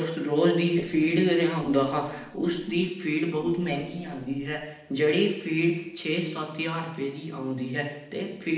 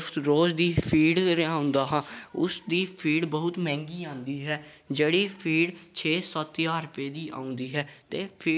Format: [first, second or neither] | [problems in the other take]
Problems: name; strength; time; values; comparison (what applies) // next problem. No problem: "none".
second | noise reduction (neural separator model SepFormer DNS4)